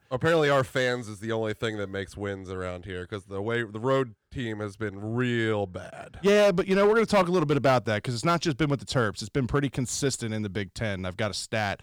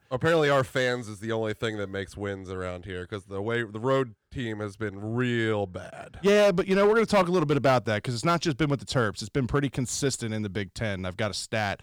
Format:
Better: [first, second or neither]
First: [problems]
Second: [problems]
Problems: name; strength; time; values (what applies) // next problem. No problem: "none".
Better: neither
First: distortion; slight; 3% of the sound clipped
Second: distortion; slight; 3% of the sound clipped